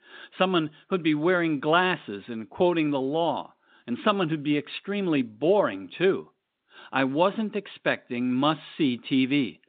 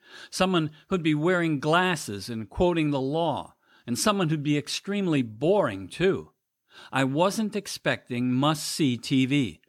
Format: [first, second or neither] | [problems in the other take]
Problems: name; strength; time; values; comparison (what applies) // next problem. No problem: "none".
second | phone-call audio; nothing above 4 kHz